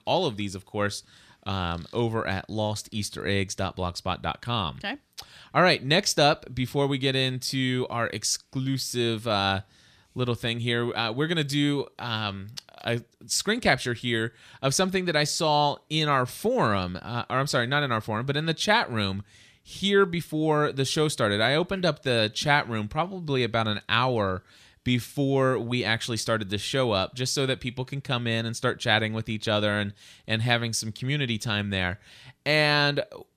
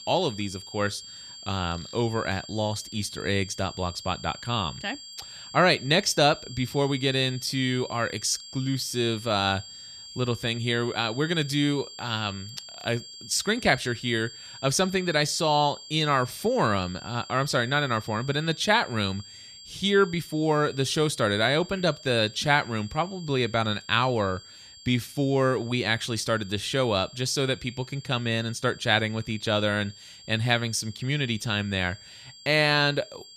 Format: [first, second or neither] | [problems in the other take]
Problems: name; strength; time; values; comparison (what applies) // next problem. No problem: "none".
first | high-pitched whine; noticeable; throughout; 4.5 kHz, 15 dB below the speech